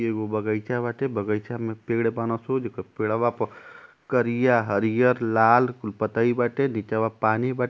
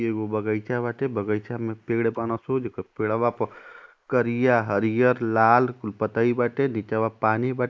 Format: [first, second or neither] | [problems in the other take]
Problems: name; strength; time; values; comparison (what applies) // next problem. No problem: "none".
first | noise reduction (neural mask model Resemble Enhance denoiser)